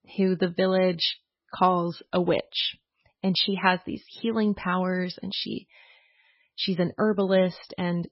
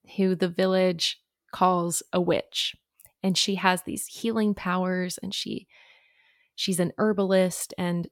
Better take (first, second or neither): second